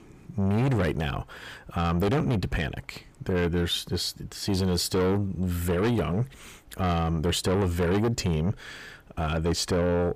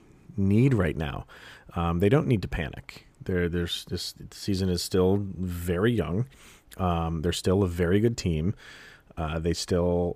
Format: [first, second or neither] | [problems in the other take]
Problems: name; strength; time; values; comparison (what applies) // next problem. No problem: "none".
second | distortion; heavy; 7 dB below the speech